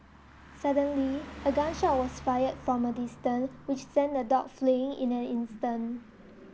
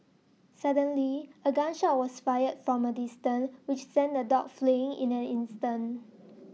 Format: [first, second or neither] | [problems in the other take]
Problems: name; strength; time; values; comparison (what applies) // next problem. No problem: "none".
second | background sound (Car passing by); 17 dB below the speech